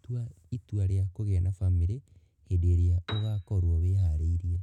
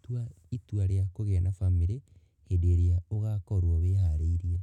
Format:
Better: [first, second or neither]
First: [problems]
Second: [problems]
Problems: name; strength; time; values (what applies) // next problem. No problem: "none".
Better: second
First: background sound (Piano); 19 dB below the speech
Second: none